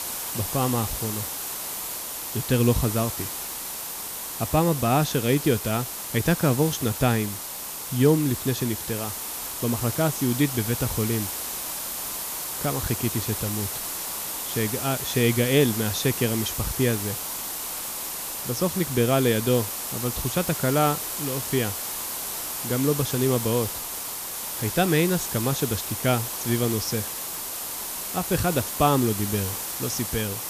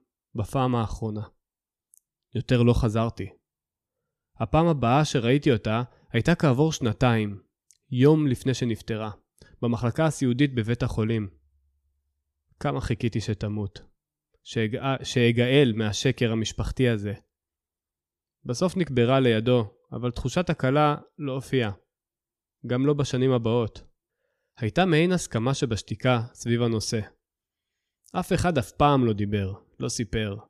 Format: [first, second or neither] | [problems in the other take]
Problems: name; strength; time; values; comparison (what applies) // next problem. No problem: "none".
second | hiss; loud; throughout; 4 dB below the speech